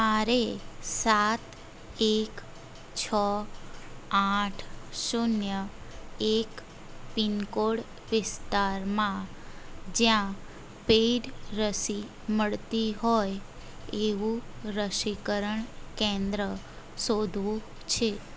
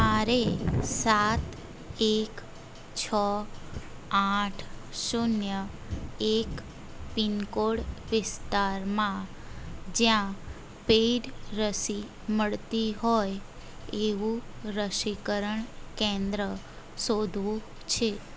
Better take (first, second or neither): first